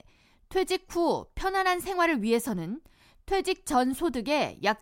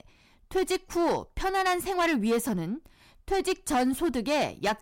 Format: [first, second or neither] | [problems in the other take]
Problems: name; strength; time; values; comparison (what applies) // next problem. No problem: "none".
first | distortion; slight; 8% of the sound clipped